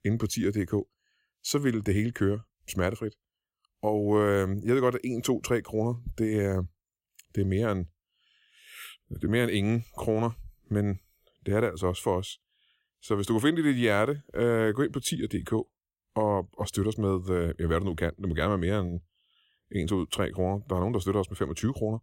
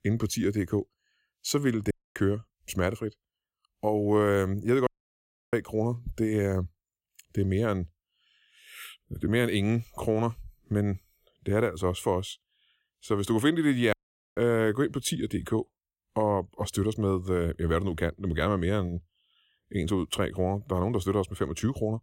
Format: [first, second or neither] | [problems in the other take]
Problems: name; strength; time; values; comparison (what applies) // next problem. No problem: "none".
first | audio cutting out; at 2 s, at 5 s for 0.5 s and at 14 s